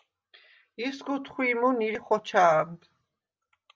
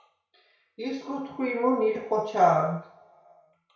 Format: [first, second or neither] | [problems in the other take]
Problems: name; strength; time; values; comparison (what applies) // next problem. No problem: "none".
first | room echo; dies away in 0.6 s